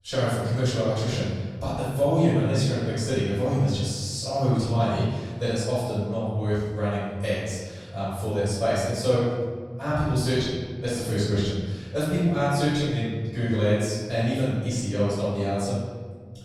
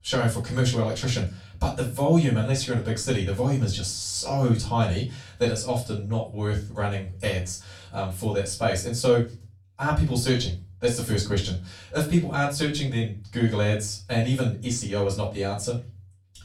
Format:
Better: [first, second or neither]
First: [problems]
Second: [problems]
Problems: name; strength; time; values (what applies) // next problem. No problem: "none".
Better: second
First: room echo; strong; dies away in 1.4 s // off-mic speech; far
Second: room echo; slight; dies away in 0.3 s // off-mic speech; far